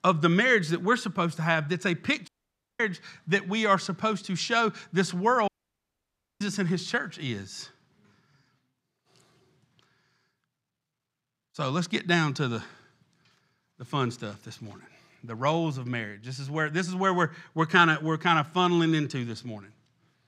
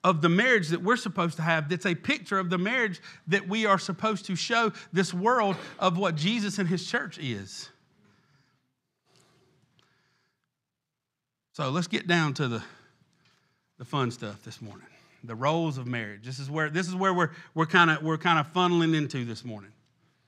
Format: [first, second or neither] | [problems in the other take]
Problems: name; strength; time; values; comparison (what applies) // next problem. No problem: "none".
second | audio cutting out; at 2.5 s for 0.5 s and at 5.5 s for 1 s